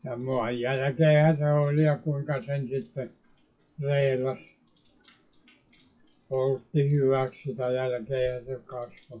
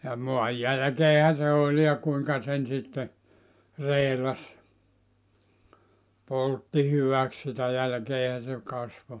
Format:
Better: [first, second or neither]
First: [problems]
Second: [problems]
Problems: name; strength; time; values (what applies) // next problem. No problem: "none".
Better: second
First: noise reduction (classical method WPE with log-MMSE)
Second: none